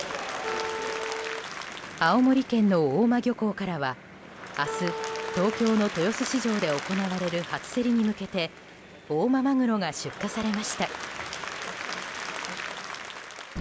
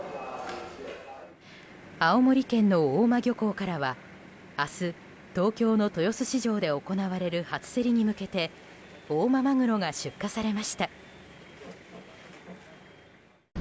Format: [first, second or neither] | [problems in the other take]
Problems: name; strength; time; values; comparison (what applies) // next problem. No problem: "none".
second | background sound (Wind instrument, woodwind instrument + Applause / Crowd); 9 dB below the speech